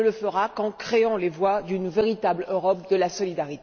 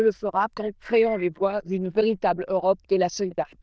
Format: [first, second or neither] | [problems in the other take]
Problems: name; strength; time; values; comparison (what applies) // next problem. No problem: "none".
first | noise reduction (neural diffusion model UNIVERSE++)